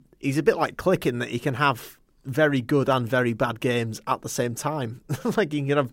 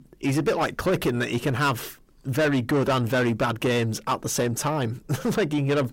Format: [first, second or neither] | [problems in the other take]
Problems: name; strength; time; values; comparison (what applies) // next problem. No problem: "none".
first | distortion; heavy; 8 dB below the speech